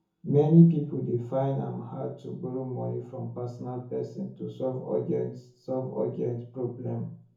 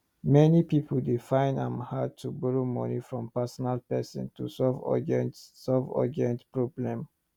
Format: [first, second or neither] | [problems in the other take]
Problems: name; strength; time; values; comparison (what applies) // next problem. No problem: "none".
second | room echo; dies away in 0.6 s